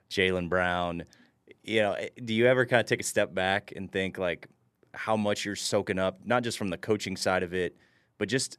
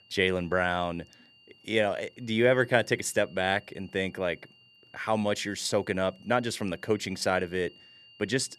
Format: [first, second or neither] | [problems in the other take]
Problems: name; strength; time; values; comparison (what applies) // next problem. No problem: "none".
first | high-pitched whine; faint; throughout; 3 kHz, 25 dB below the speech